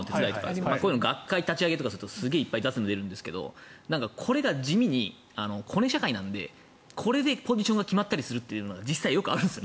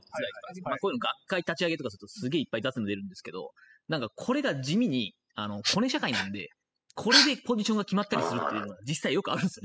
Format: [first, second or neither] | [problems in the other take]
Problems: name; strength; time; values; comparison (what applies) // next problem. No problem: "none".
first | noise reduction (classical method spectral subtraction)